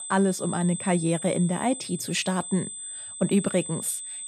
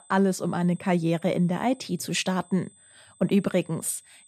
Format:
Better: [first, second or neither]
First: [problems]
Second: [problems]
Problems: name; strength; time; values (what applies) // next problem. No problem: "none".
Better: second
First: high-pitched whine; loud; throughout; 8 kHz, 8 dB below the speech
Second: high-pitched whine; faint; throughout; 8 kHz, 25 dB below the speech